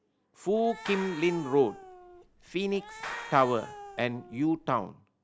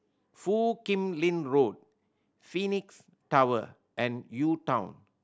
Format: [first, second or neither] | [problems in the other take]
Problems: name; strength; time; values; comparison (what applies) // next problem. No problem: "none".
second | background sound (Cat + Clapping); 14 dB below the speech